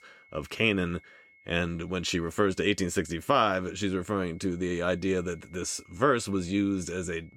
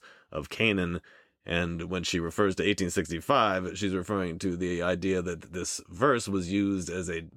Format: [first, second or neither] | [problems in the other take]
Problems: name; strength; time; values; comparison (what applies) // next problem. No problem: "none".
second | high-pitched whine; faint; throughout; 2 kHz, 30 dB below the speech